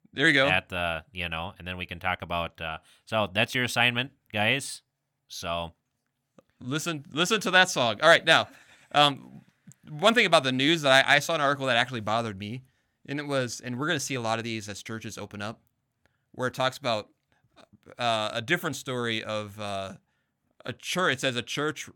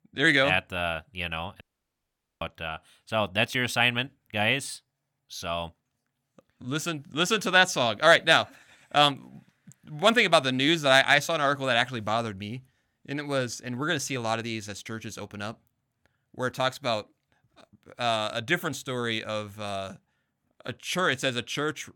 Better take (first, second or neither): first